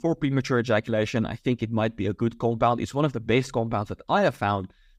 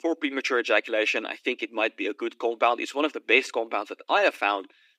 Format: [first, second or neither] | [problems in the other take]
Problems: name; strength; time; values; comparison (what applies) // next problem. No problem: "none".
first | thin; somewhat; fading below 300 Hz